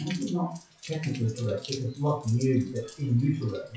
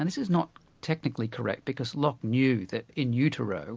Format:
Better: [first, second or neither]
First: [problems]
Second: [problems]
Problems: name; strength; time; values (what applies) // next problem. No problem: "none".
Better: second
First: noise reduction (classical method WPE with log-MMSE)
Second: none